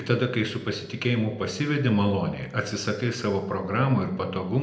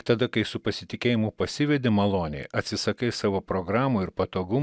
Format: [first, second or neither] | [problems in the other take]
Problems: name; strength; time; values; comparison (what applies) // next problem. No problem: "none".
second | room echo; dies away in 0.7 s